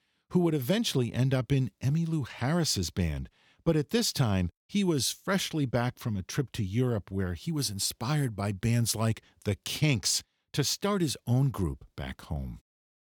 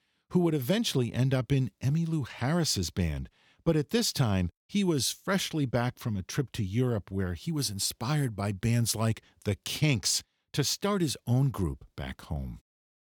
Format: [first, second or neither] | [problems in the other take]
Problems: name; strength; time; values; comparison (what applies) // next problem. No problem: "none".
neither | none